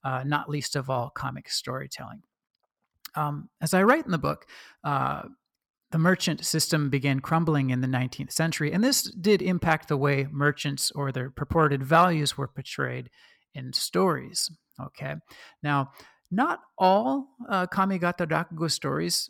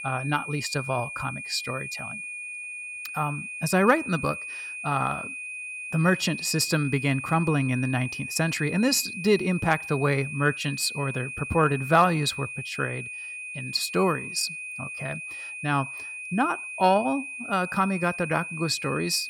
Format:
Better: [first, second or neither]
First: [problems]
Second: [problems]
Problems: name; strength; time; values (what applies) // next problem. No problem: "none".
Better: first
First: none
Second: high-pitched whine; loud; throughout; 2.5 kHz, 8 dB below the speech